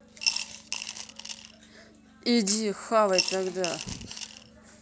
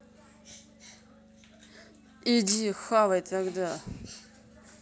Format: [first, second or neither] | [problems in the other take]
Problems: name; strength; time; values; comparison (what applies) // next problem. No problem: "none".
second | background sound (Coin (dropping) / Glass); 4 dB below the speech